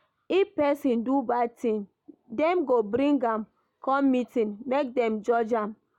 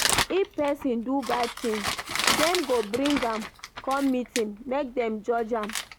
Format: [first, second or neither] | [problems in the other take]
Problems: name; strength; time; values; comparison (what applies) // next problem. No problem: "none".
first | background sound (Crumpling, crinkling); 4 dB below the speech